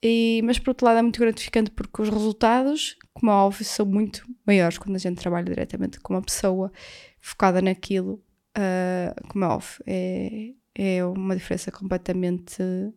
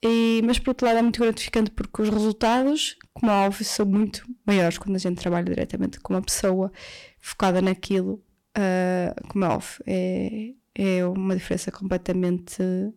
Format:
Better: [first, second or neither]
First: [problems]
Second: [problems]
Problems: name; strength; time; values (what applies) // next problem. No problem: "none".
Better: first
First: none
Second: distortion; slight; 6% of the sound clipped